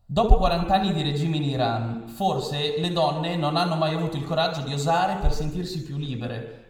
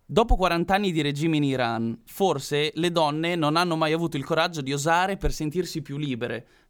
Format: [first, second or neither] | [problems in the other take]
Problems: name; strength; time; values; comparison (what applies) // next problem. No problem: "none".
second | room echo; slight; dies away in 1 s